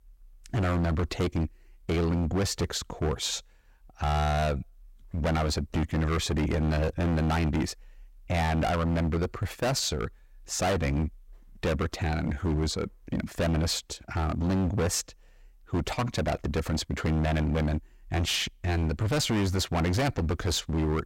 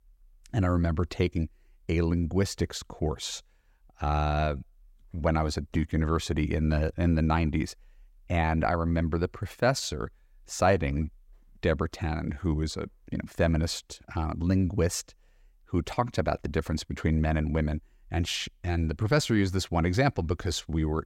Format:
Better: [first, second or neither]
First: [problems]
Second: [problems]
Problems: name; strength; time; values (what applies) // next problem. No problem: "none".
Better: second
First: distortion; heavy; 22% of the sound clipped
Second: none